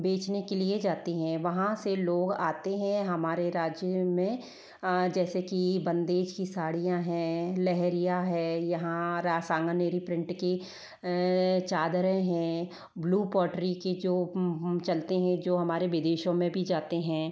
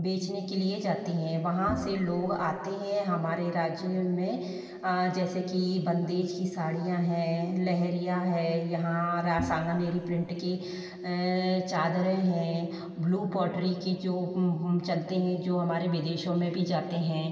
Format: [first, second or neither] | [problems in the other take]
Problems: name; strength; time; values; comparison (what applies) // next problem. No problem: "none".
first | background sound (Bowed string instrument); 9 dB below the speech // room echo; dies away in 2.4 s